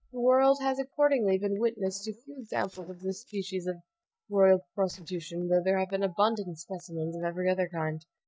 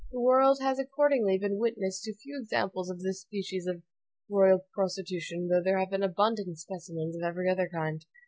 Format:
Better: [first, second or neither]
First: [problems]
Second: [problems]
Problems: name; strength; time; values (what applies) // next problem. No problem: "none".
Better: second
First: noise reduction (neural mask model DeepFilterNet 3)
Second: none